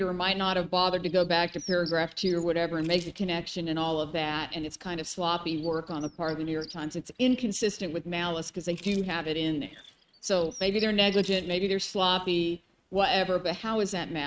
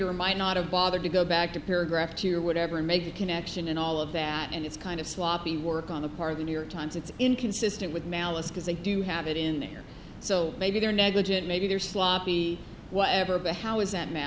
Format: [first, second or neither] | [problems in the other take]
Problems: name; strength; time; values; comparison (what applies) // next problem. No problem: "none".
second | noise reduction (neural mask model RNNoise)